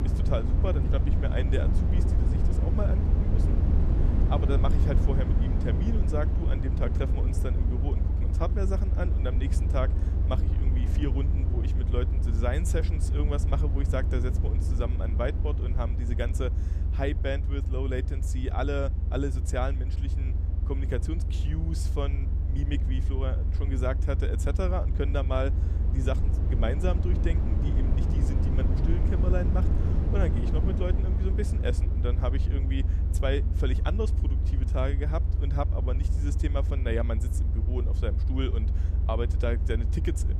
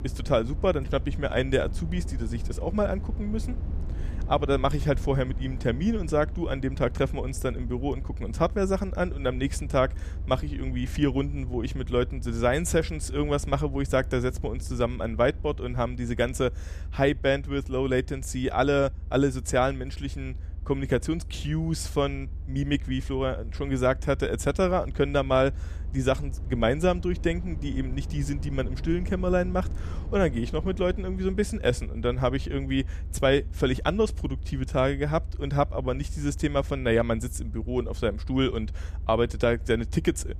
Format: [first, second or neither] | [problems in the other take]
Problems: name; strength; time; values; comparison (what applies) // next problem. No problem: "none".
second | low rumble; loud; throughout; 6 dB below the speech; faint in the second